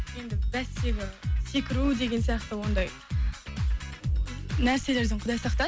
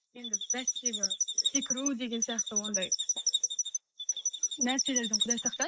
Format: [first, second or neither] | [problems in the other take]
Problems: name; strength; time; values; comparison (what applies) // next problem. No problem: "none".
first | noise reduction (neural mask model Resemble Enhance denoiser)